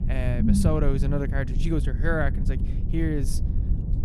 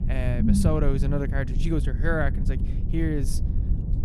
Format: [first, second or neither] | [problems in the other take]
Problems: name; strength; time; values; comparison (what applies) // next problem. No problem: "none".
neither | low rumble; loud; throughout; 7 dB below the speech; the same in both